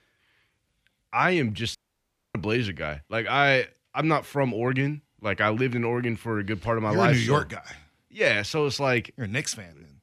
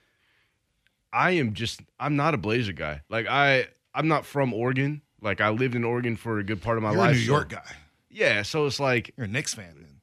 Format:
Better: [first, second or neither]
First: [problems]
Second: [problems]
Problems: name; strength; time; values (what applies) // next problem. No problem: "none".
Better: second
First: audio cutting out; at 2 s for 0.5 s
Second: none